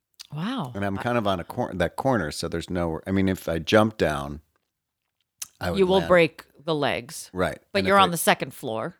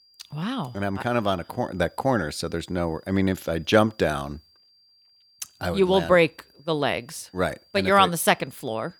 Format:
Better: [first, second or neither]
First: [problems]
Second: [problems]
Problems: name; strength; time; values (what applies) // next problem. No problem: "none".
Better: first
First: none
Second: high-pitched whine; faint; throughout; 4.5 kHz, 30 dB below the speech